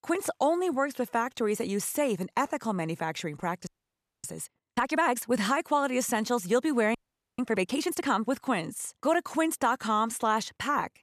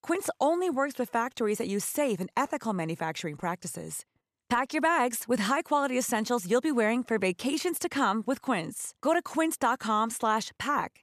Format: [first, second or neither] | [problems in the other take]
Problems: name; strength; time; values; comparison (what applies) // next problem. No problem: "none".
second | audio freezing; at 3.5 s for 0.5 s and at 7 s